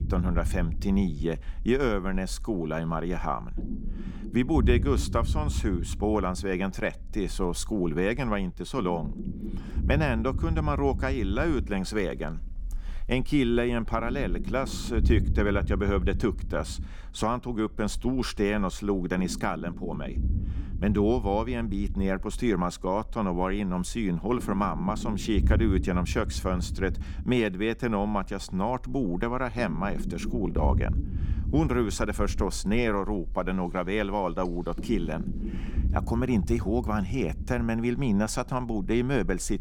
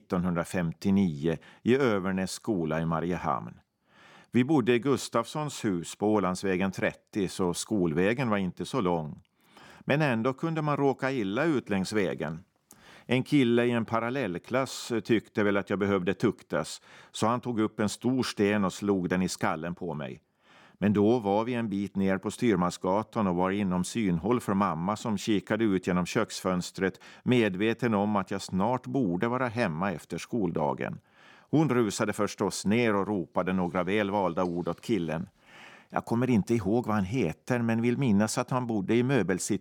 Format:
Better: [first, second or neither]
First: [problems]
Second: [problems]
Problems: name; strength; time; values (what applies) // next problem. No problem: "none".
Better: second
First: low rumble; noticeable; throughout; 15 dB below the speech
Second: none